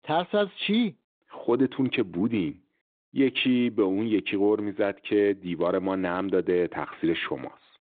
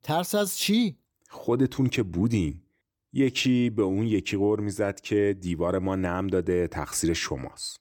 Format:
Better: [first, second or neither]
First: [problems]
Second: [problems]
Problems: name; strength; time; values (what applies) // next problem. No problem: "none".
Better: second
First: phone-call audio; nothing above 3.5 kHz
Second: none